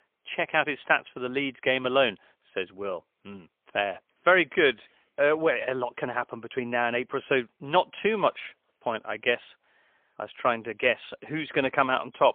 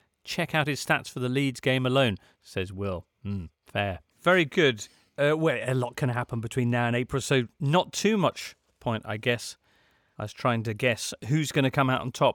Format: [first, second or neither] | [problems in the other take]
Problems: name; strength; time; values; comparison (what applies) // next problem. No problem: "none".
second | phone-call audio; poor line; nothing above 3.5 kHz